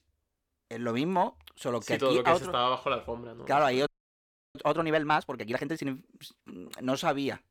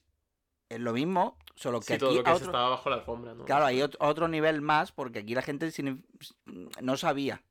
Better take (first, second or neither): second